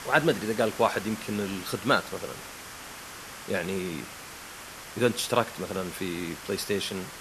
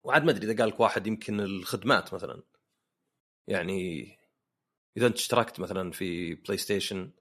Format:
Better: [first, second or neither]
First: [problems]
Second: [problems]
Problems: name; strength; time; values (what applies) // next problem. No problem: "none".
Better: second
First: hiss; noticeable; throughout; 10 dB below the speech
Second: none